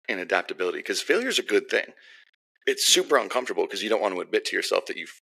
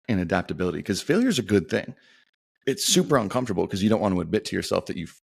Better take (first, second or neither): second